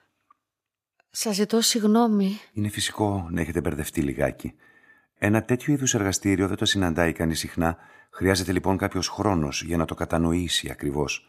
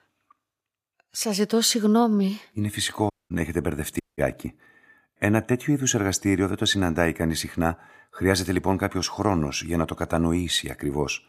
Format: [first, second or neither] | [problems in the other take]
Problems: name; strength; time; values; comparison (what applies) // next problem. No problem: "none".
first | audio cutting out; at 3 s and at 4 s